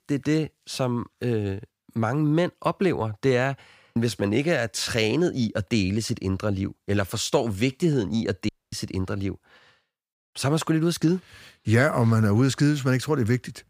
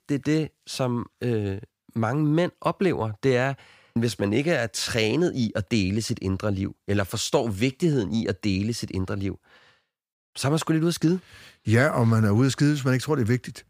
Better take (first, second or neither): second